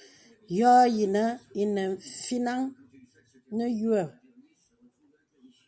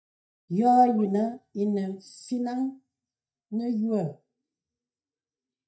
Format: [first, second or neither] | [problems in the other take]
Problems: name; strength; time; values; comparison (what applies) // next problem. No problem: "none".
first | noise reduction (neural mask model DeepFilterNet 3)